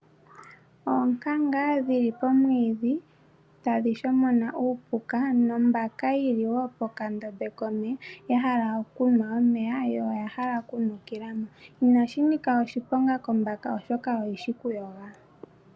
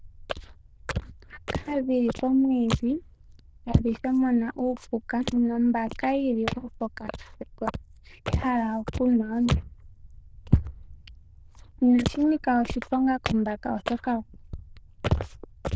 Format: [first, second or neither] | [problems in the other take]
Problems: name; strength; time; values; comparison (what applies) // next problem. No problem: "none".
first | noise reduction (neural diffusion model UNIVERSE++)